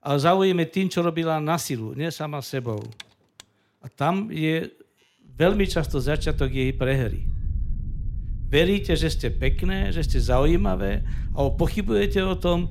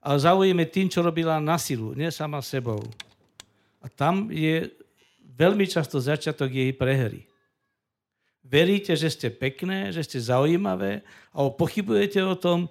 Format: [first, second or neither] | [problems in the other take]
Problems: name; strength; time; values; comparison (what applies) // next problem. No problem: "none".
second | low rumble; faint; from 5.5 s on; 20 dB below the speech